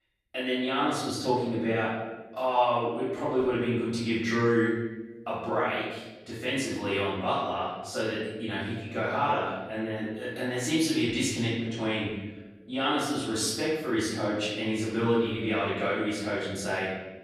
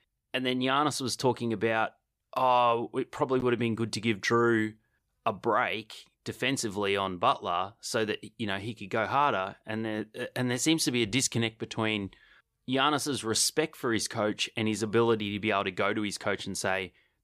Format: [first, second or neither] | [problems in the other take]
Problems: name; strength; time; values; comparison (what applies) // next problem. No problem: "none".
second | off-mic speech; far // room echo; strong; dies away in 1.1 s